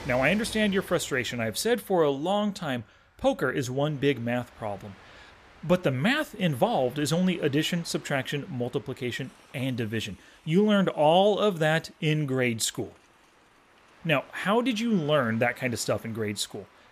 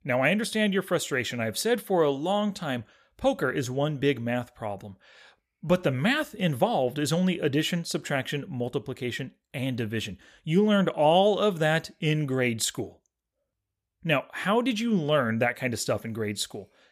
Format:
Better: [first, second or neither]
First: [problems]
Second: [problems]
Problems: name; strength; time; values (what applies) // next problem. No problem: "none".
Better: second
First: train or aircraft noise; faint; throughout; 25 dB below the speech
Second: none